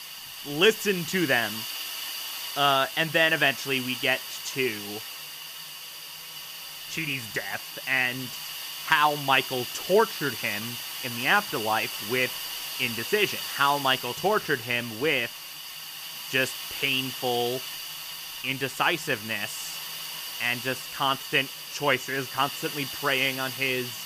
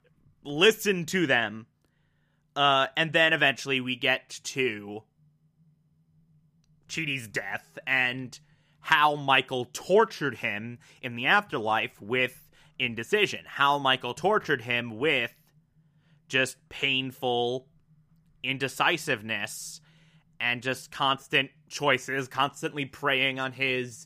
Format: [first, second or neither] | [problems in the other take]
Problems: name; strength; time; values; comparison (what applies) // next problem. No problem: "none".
second | hiss; loud; throughout; 8 dB below the speech